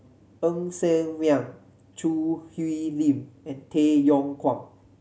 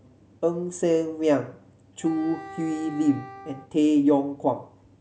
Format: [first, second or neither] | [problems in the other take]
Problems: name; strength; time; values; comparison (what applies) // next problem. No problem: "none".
first | background sound (Wind instrument, woodwind instrument); 17 dB below the speech